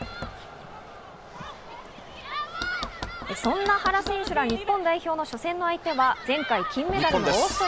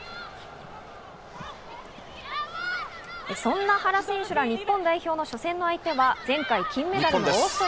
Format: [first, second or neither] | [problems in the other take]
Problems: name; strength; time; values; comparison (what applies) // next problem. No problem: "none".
second | background sound (Knock); 14 dB below the speech